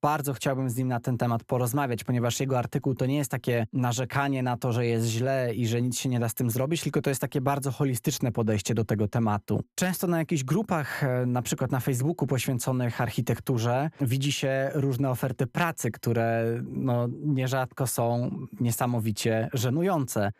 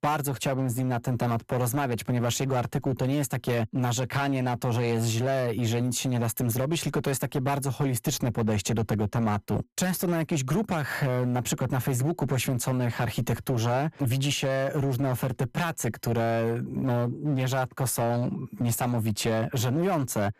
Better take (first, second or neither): first